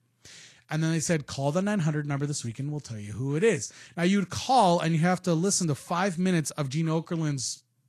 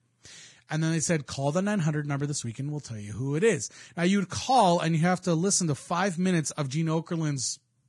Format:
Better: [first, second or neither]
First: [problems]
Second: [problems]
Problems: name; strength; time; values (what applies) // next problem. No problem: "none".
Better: first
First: garbled, watery; slightly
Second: garbled, watery; badly; nothing above 10 kHz